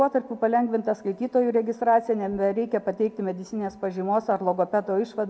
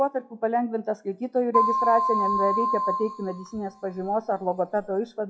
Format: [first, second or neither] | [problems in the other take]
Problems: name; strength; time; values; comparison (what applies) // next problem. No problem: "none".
first | noise reduction (classical method log-MMSE)